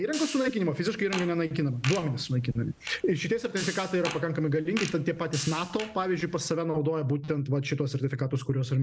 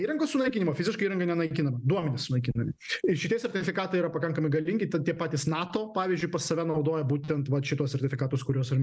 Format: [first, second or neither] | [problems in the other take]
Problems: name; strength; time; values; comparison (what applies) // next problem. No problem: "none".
second | background sound (Hi-hat + Fart); 13 dB below the speech